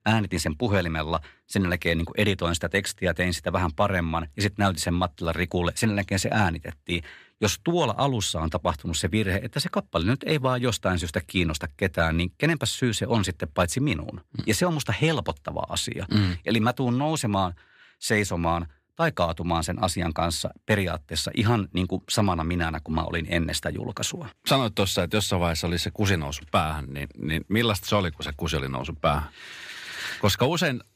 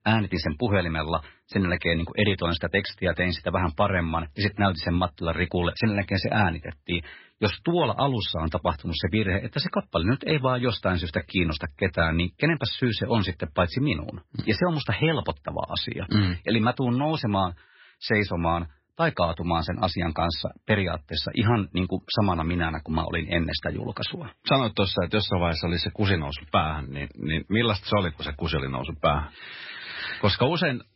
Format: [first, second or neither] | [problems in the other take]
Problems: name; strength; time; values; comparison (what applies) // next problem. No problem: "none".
first | garbled, watery; badly; nothing above 5.5 kHz